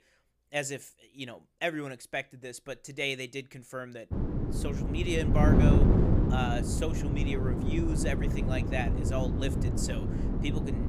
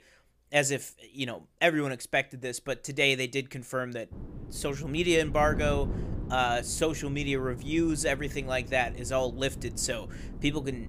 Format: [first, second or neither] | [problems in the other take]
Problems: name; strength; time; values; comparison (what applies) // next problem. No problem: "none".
second | wind noise on the microphone; heavy; from 4 s on; 1 dB below the speech; occasional gusts in the second